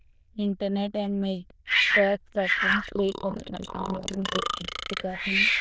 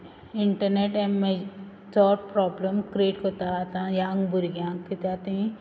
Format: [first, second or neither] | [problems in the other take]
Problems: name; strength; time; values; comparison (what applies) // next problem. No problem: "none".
second | noise reduction (neural diffusion model UNIVERSE++)